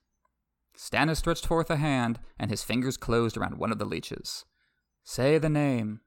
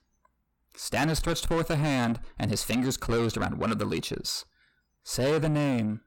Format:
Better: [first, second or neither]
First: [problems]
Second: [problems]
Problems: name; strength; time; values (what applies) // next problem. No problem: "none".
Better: first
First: none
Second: distortion; heavy; 7 dB below the speech